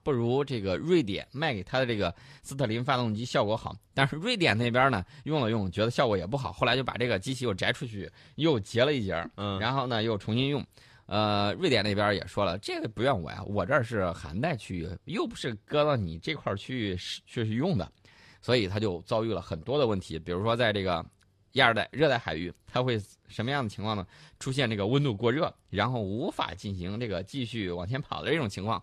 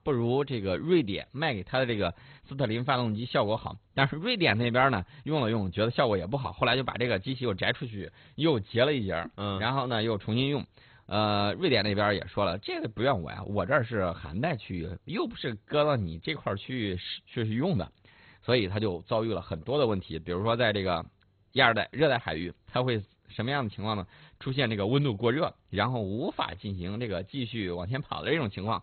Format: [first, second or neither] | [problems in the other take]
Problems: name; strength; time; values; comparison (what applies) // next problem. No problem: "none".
first | garbled, watery; badly; nothing above 4 kHz